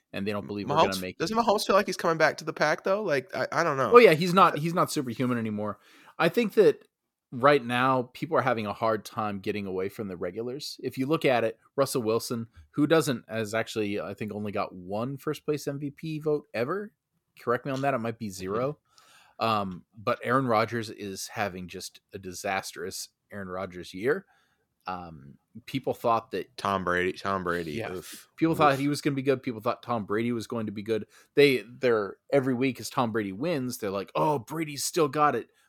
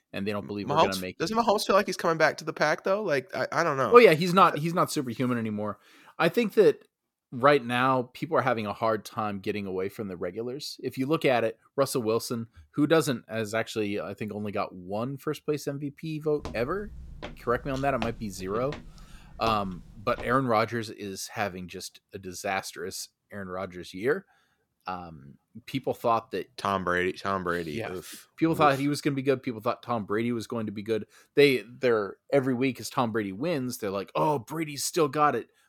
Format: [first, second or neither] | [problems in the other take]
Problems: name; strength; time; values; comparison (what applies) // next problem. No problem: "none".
first | footsteps; faint; from 16 to 20 s; peak 10 dB below the speech